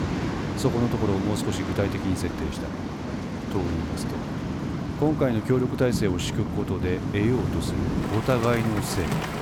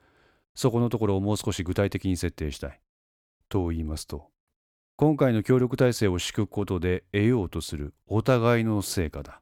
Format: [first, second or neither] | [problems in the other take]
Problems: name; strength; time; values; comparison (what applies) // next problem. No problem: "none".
second | rain or running water; loud; throughout; 2 dB below the speech